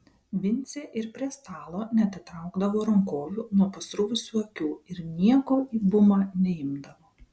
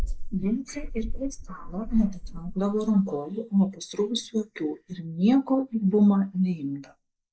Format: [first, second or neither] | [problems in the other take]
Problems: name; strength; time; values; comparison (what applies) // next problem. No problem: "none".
first | noise reduction (neural mask model Resemble Enhance denoiser)